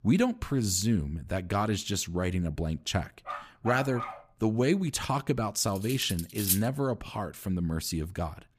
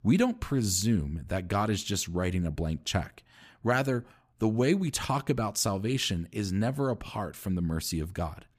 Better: second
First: dog barking; noticeable; at 3.5 s; peak 7 dB below the speech // clattering dishes; loud; at 6 s; peak 2 dB above the speech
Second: none

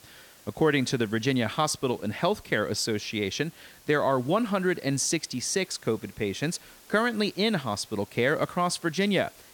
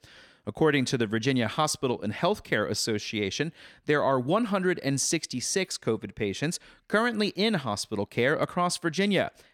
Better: second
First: hiss; faint; throughout; 25 dB below the speech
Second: none

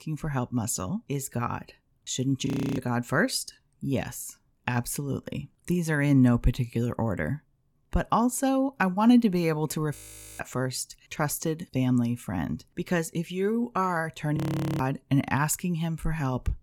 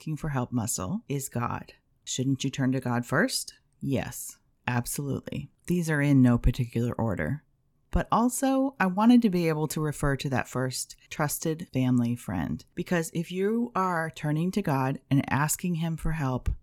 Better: second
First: audio freezing; at 2.5 s, at 10 s and at 14 s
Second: none

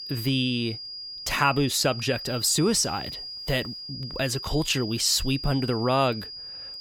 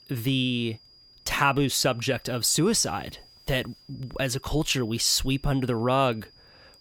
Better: second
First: high-pitched whine; loud; throughout; 5 kHz, 10 dB below the speech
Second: high-pitched whine; faint; throughout; 5 kHz, 25 dB below the speech

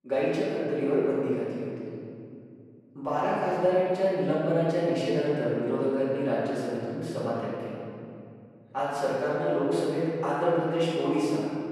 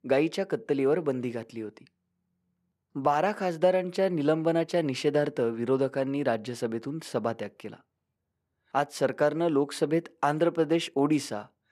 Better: second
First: room echo; strong; dies away in 2.6 s // off-mic speech; far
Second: none

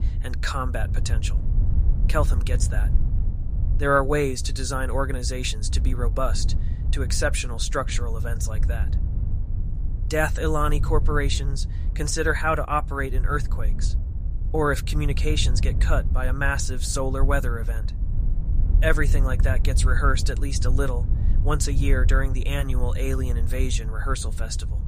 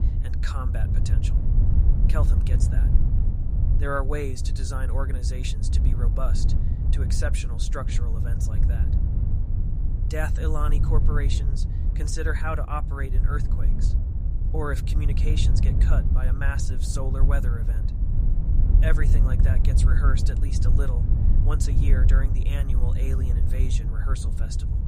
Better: first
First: wind noise on the microphone; occasional gusts; 15 dB below the speech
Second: wind noise on the microphone; heavy; 6 dB below the speech

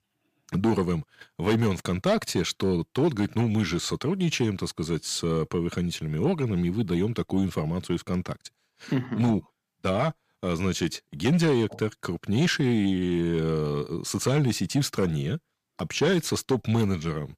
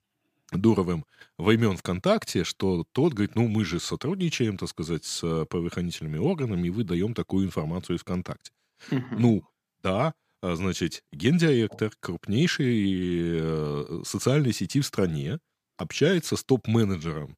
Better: second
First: distortion; slight; 10 dB below the speech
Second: none

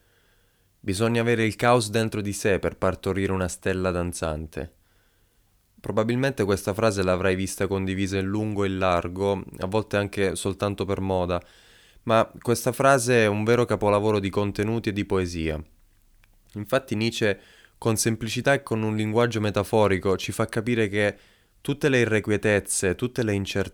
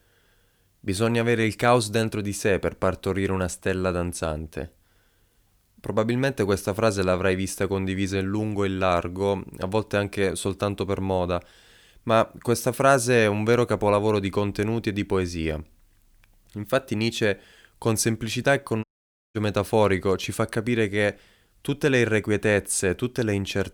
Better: first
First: none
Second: audio cutting out; at 19 s for 0.5 s

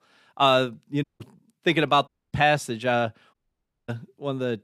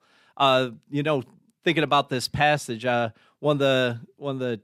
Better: second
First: audio cutting out; at 1 s, at 2 s and at 3.5 s for 0.5 s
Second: none

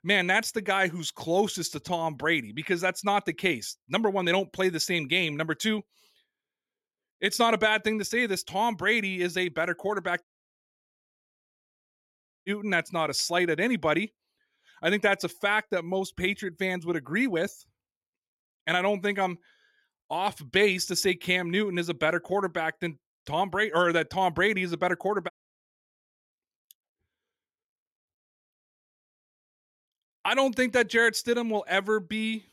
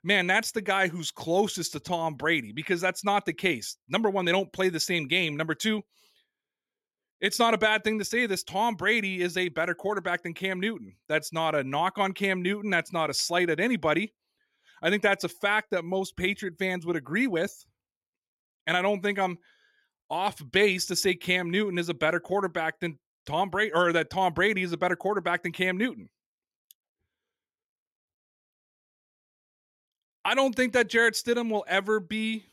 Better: second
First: audio cutting out; at 10 s for 2 s and at 25 s for 1 s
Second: none

